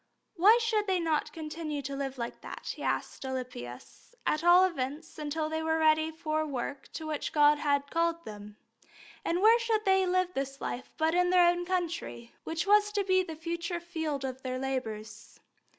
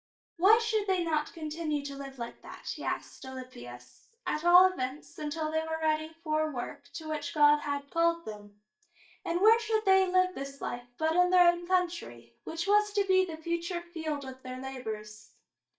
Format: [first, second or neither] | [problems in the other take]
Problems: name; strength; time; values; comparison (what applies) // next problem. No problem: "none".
first | noise reduction (neural mask model DeepFilterNet 3)